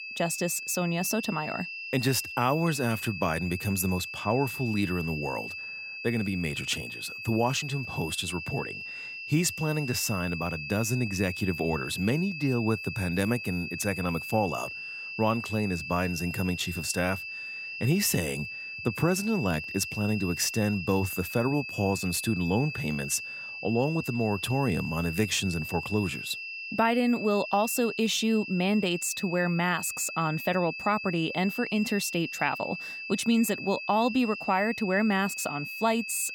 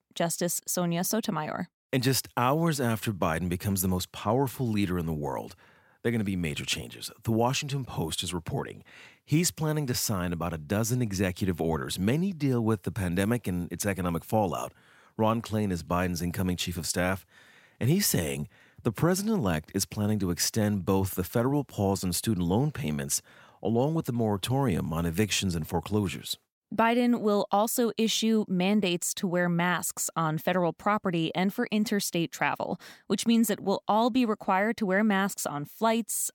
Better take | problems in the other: second | high-pitched whine; loud; throughout; 2.5 kHz, 7 dB below the speech

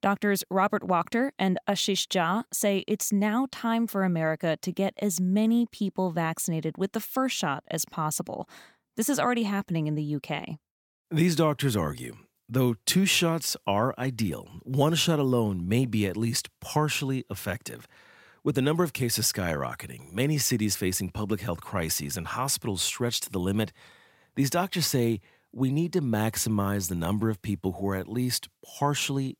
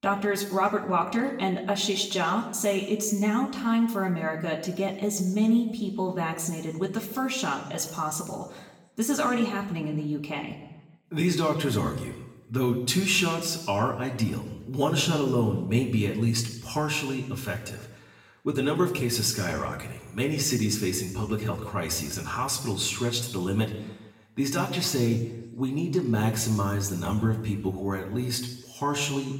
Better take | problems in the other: first | room echo; slight; dies away in 0.9 s // off-mic speech; somewhat distant

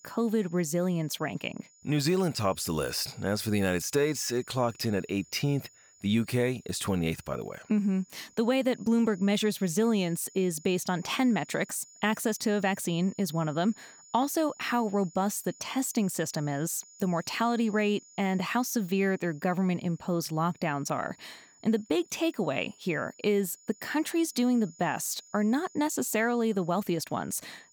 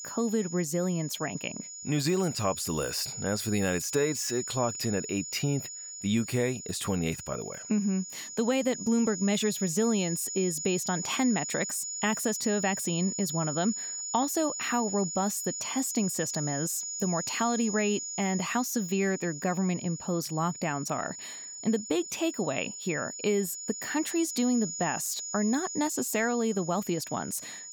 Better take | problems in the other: first | high-pitched whine; loud; throughout; 7 kHz, 6 dB below the speech; faint in the first

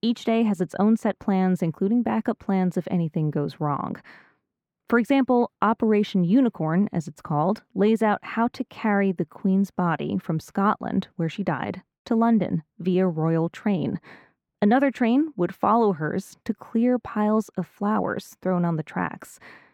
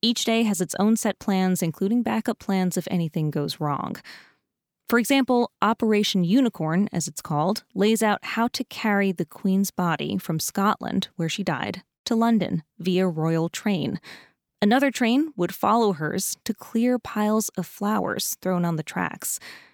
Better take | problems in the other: second | muffled; very; fading above 3 kHz

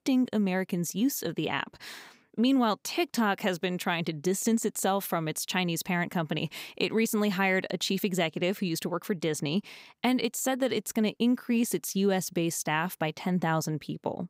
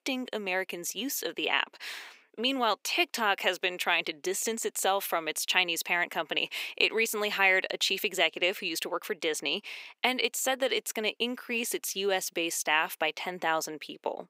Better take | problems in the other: first | thin; somewhat; fading below 400 Hz

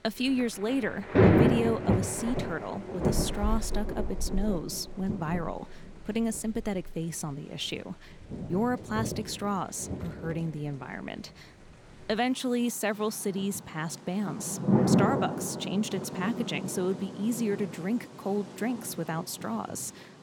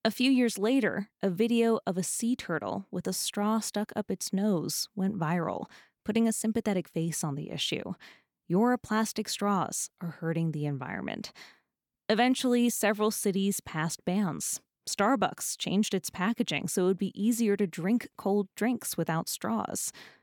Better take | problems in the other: second | rain or running water; very loud; throughout; 2 dB above the speech

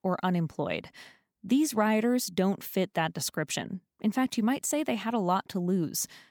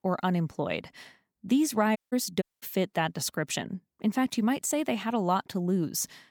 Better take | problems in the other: first | audio cutting out; at 2 s and at 2.5 s

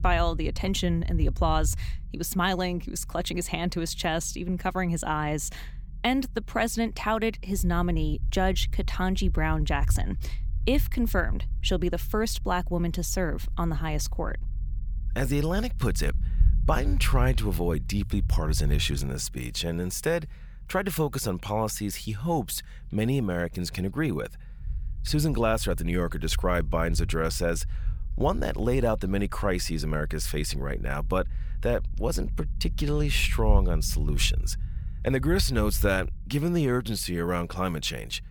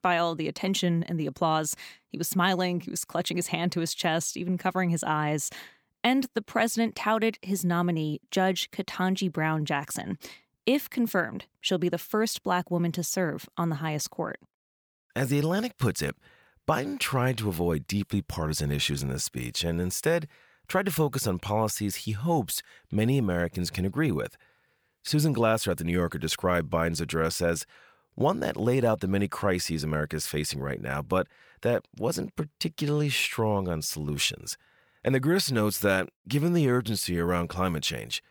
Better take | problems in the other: second | low rumble; faint; throughout; 25 dB below the speech

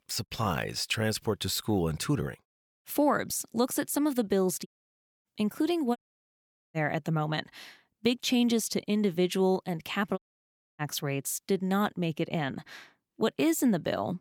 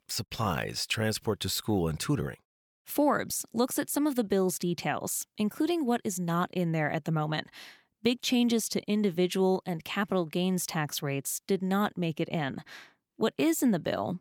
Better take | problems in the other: second | audio cutting out; at 4.5 s for 0.5 s, at 6 s for 1 s and at 10 s for 0.5 s

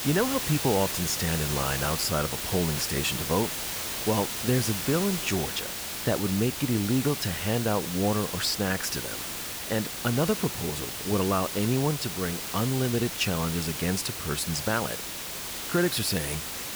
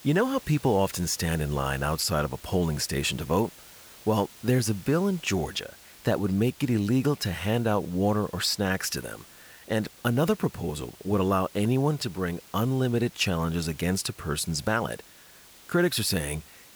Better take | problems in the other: second | hiss; loud; throughout; 3 dB below the speech; faint in the second

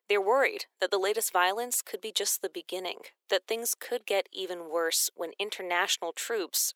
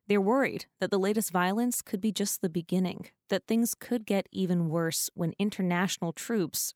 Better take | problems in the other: second | thin; very; fading below 400 Hz

